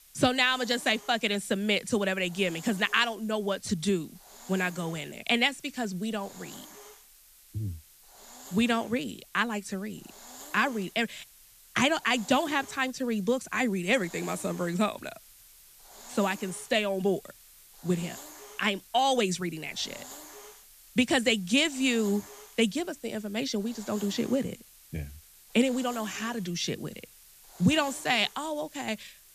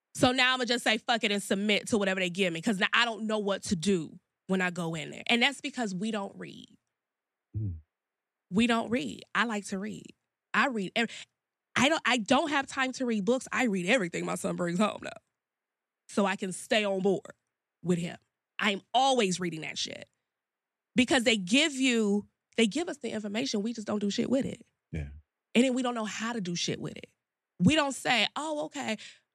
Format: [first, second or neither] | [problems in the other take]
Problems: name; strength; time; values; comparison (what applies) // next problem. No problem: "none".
second | hiss; noticeable; throughout; 20 dB below the speech